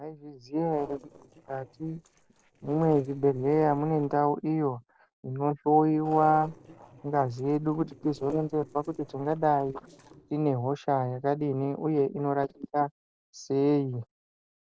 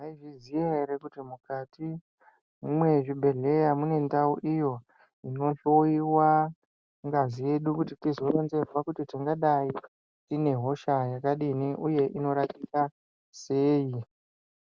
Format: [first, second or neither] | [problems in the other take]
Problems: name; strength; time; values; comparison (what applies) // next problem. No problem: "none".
second | noise reduction (neural separator model SepFormer DNS4)